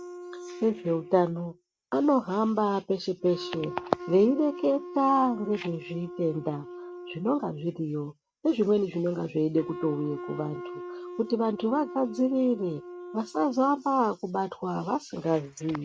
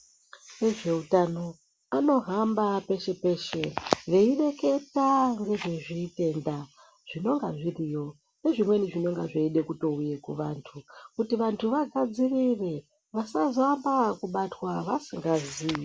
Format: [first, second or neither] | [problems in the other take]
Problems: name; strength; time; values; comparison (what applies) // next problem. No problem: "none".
second | noise reduction (neural mask model RNNoise)